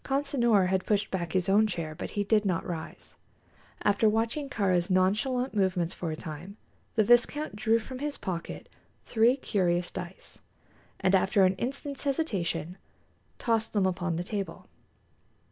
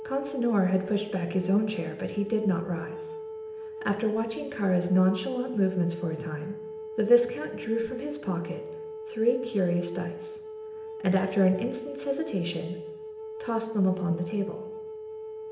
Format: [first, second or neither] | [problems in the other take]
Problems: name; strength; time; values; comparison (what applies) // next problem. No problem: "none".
first | background sound (Wind instrument, woodwind instrument); 10 dB below the speech // room echo; dies away in 0.8 s